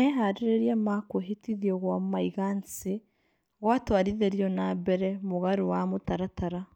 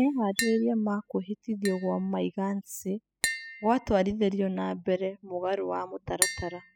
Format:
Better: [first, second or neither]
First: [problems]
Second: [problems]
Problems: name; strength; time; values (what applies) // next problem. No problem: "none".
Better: first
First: none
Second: noise reduction (classical method spectral subtraction)